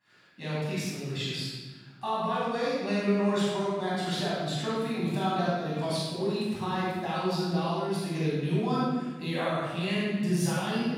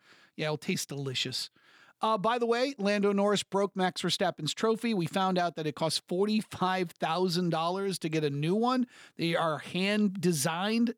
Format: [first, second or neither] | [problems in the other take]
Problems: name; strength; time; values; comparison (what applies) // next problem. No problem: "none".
second | off-mic speech; far // room echo; strong; dies away in 1.4 s